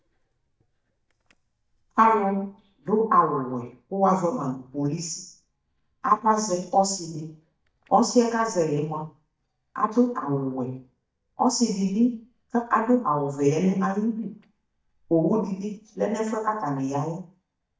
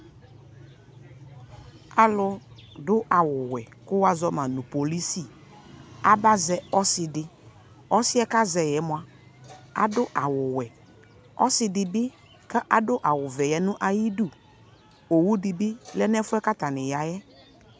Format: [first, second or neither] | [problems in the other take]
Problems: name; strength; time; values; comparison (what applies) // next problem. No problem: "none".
second | noise reduction (neural mask model DeepFilterNet 3)